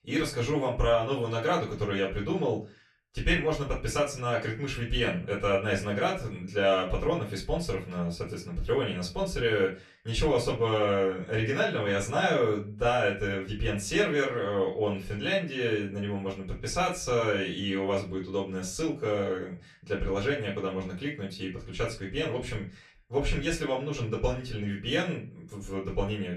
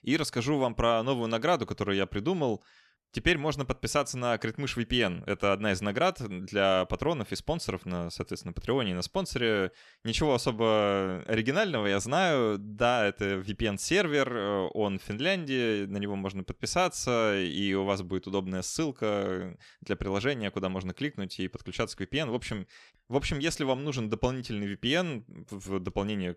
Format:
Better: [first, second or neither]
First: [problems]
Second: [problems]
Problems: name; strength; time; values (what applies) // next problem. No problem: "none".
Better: second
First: off-mic speech; far // room echo; very slight; dies away in 0.3 s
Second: none